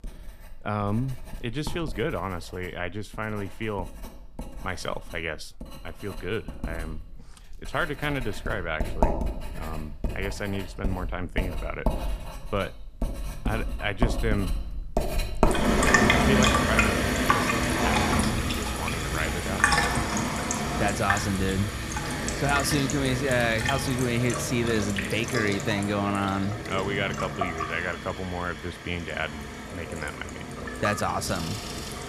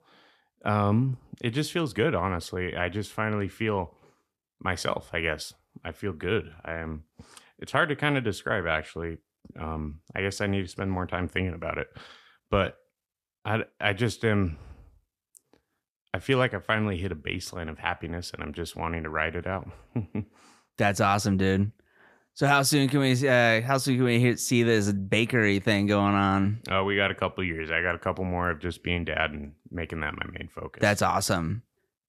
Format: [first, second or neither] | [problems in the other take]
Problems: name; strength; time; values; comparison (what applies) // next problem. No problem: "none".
second | household noises; very loud; throughout; 2 dB above the speech